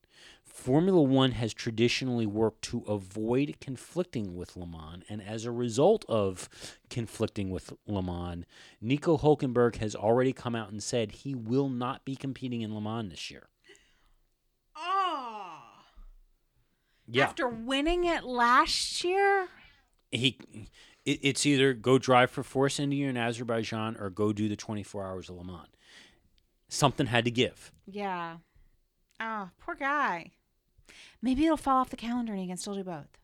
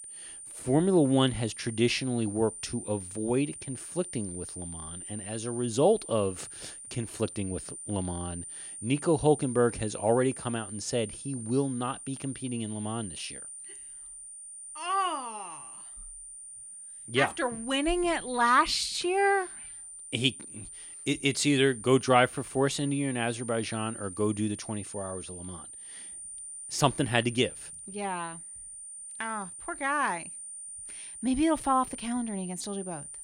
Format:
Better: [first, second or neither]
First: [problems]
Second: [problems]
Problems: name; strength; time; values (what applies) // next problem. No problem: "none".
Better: first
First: none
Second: high-pitched whine; noticeable; throughout; 9 kHz, 10 dB below the speech